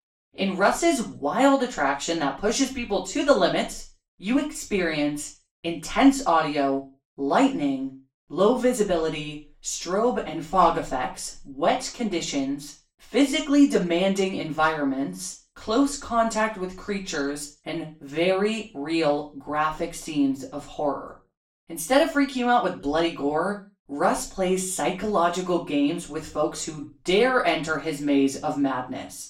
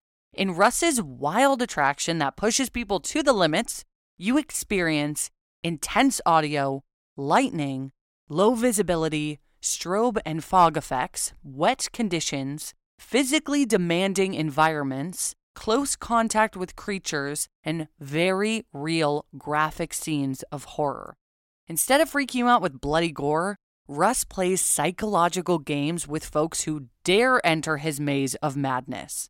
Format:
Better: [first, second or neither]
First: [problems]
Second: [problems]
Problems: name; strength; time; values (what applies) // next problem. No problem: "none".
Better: second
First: room echo; slight; dies away in 0.3 s // off-mic speech; far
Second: none